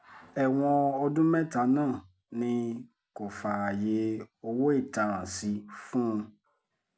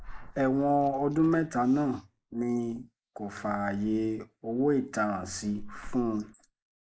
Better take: first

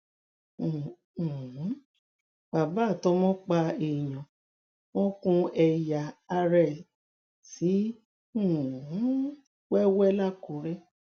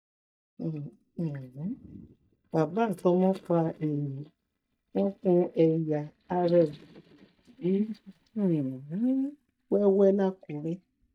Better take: first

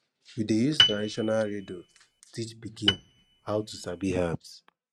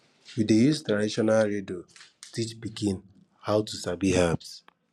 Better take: second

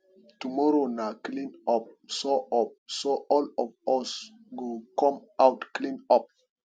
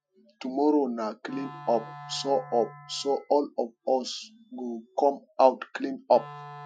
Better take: first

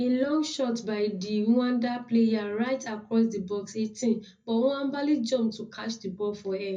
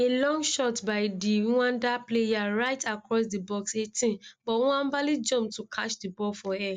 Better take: second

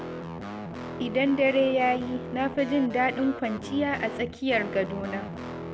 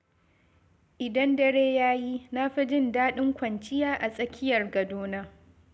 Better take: second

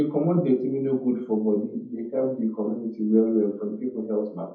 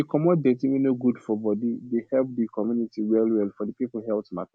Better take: second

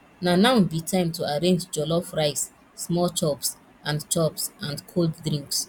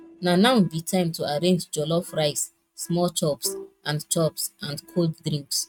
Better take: first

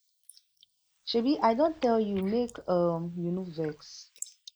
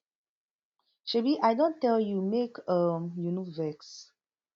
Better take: second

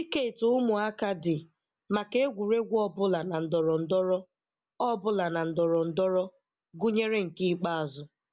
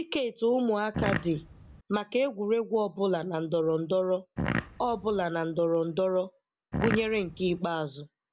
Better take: first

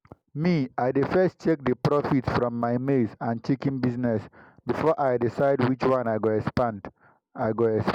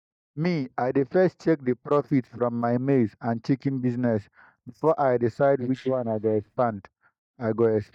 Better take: first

